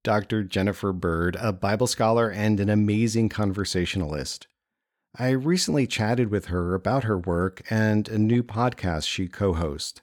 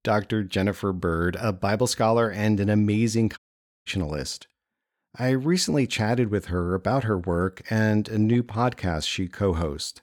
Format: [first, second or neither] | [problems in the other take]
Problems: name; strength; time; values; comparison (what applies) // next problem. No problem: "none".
first | audio cutting out; at 3.5 s